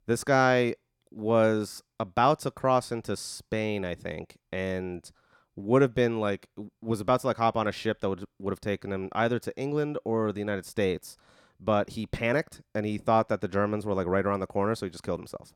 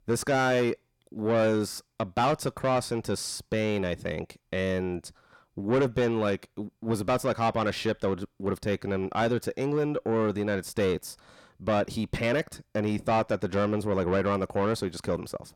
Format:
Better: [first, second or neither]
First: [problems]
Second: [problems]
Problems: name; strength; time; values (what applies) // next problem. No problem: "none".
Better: first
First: none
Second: distortion; heavy; 8 dB below the speech